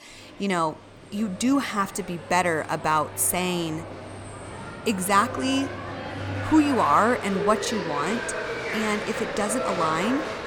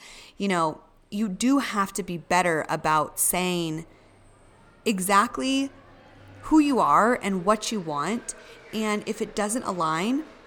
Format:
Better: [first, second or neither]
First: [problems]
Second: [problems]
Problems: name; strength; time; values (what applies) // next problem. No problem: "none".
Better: second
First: crowd noise; loud; throughout; 7 dB below the speech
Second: crowd noise; faint; throughout; 25 dB below the speech